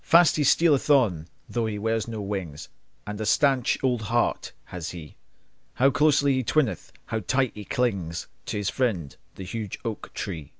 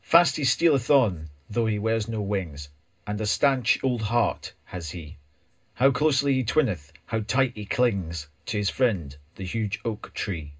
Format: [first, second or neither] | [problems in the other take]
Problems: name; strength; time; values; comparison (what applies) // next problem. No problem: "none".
first | room echo; dies away in 0.2 s